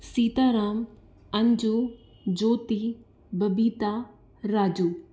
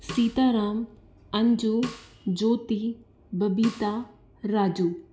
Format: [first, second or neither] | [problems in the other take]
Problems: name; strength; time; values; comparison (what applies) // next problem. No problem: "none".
first | background sound (Snare drum); 19 dB below the speech